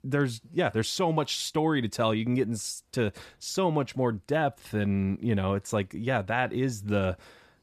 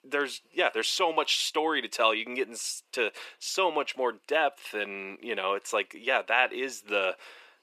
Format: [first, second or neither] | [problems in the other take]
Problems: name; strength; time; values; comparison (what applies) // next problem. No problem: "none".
first | thin; very; fading below 400 Hz